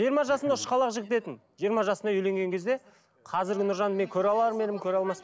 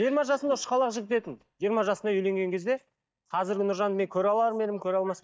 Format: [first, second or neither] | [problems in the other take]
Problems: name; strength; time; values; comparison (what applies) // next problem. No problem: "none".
first | noise reduction (neural mask model DeepFilterNet 3)